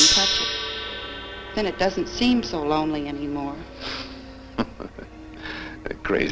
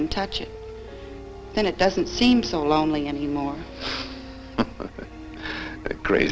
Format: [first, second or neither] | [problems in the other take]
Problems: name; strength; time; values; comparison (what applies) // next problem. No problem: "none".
second | background sound (Gong); 2 dB below the speech